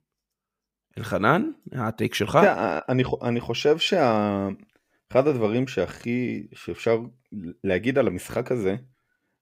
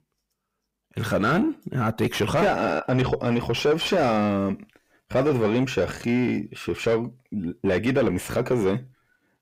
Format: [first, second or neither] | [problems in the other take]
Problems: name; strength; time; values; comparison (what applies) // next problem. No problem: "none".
first | distortion; heavy; 6 dB below the speech